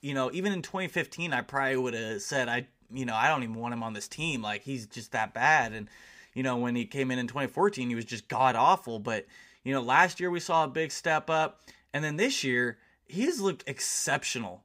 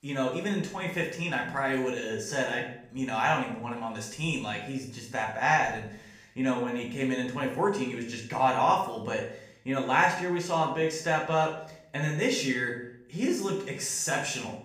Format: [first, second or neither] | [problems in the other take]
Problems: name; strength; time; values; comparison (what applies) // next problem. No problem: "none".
first | room echo; noticeable; dies away in 0.6 s // off-mic speech; far